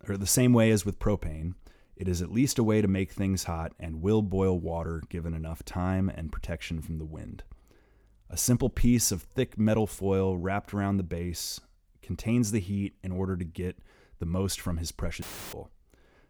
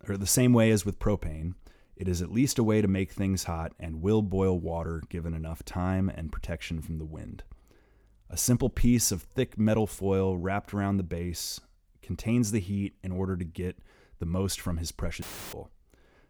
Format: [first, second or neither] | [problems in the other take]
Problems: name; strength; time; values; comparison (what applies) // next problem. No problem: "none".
neither | audio cutting out; filled with static; at 15 s; the same in both